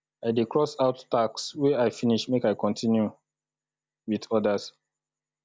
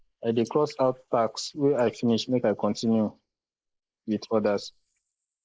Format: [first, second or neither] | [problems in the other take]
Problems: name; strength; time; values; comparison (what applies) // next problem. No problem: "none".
first | noise reduction (neural mask model Resemble Enhance denoiser)